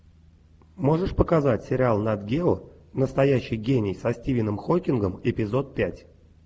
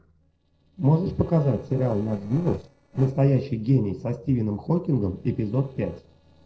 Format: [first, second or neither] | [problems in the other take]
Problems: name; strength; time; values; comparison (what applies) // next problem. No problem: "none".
first | noise reduction (neural separator model SepFormer DNS4)